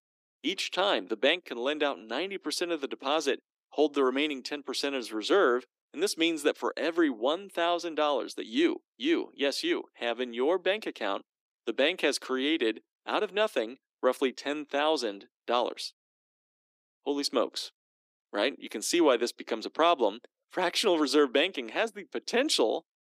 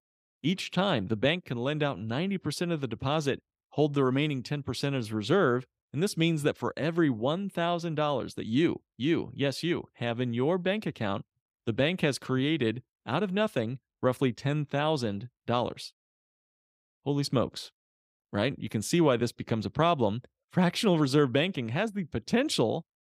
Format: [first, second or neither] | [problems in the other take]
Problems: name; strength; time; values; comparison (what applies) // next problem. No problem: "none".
second | thin; somewhat; fading below 300 Hz